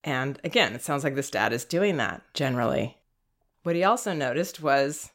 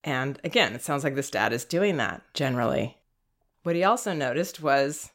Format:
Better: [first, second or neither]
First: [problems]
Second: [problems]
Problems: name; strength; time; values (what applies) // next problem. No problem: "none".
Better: neither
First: none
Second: none